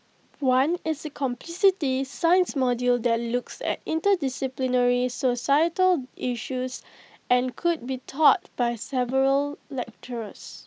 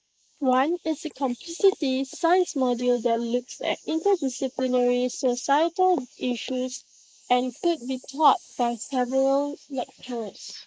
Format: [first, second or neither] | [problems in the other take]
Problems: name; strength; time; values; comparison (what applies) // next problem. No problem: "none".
first | noise reduction (neural mask model Resemble Enhance denoiser)